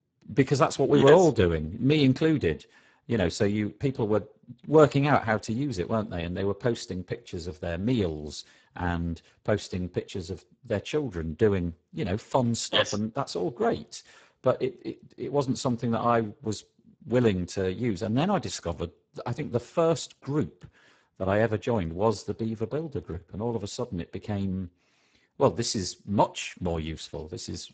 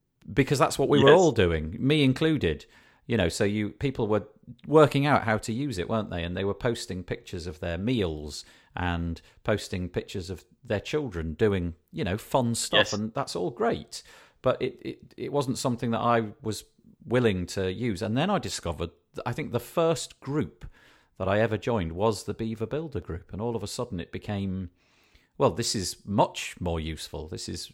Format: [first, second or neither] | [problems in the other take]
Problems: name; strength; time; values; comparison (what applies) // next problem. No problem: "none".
second | garbled, watery; badly; nothing above 8 kHz